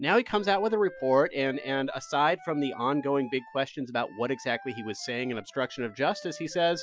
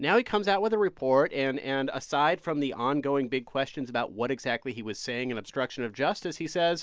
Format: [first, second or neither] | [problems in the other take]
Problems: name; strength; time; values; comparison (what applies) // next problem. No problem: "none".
second | noise reduction (classical method Wiener filter)